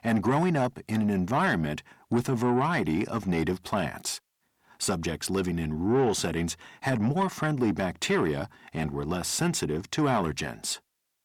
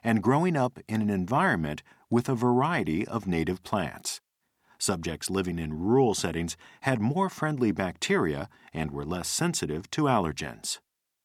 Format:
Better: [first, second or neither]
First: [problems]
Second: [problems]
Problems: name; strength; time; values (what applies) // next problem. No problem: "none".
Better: second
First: distortion; slight; 10 dB below the speech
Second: none